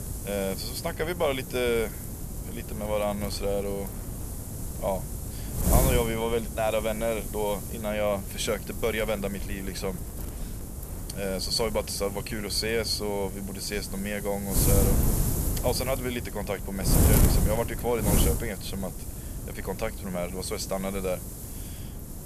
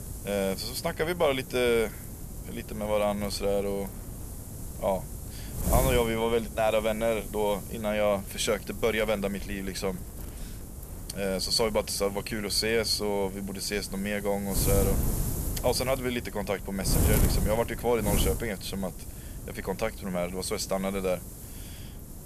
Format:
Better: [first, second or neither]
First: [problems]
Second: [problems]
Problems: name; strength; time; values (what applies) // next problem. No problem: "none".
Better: second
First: wind noise on the microphone; heavy; 8 dB below the speech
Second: wind noise on the microphone; occasional gusts; 15 dB below the speech